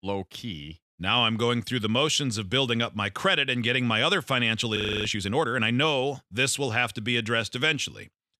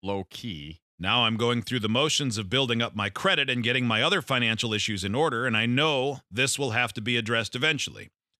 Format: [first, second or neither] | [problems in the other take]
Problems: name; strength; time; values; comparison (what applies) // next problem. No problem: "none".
second | audio freezing; at 5 s